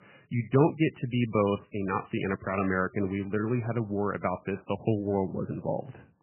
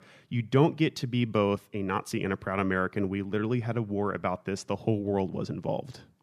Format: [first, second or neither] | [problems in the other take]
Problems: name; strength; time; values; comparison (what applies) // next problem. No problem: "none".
second | garbled, watery; badly; nothing above 3 kHz